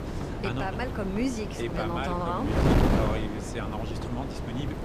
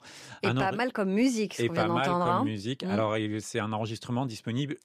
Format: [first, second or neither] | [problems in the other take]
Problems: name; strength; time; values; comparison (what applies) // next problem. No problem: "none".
second | wind noise on the microphone; heavy; as loud as the speech